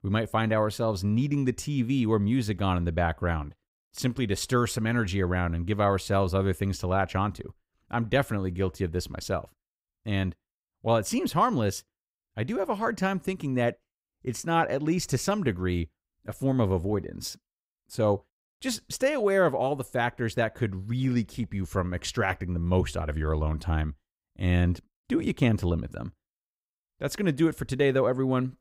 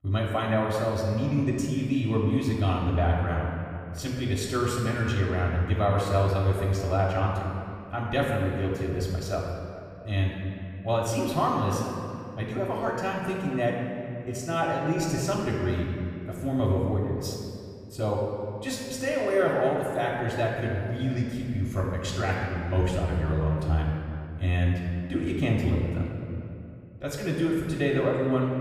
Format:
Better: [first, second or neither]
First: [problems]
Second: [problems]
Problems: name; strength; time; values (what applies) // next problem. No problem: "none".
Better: first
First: none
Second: off-mic speech; far // room echo; noticeable; dies away in 2.2 s